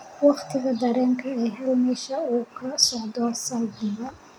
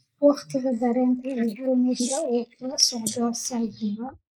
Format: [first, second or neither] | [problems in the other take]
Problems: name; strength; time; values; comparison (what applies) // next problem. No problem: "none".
first | noise reduction (neural mask model Resemble Enhance denoiser)